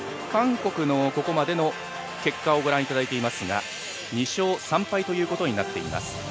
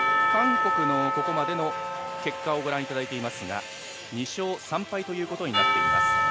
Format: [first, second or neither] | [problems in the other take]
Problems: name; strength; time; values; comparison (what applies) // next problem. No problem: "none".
first | background sound (Church bell / Percussion); 3 dB above the speech